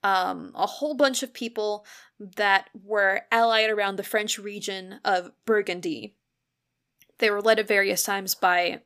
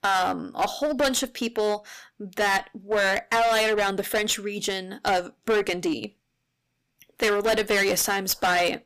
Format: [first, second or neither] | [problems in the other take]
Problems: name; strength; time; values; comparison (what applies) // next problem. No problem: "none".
first | distortion; heavy; 14% of the sound clipped